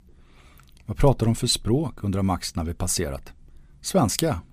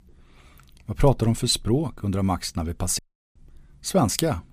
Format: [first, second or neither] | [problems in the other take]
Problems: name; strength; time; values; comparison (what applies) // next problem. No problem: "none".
first | audio cutting out; at 3 s